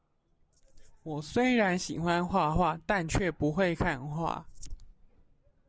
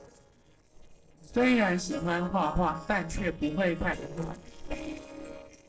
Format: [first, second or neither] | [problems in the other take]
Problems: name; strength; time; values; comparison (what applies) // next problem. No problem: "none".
first | noise reduction (neural separator model SepFormer DNS4)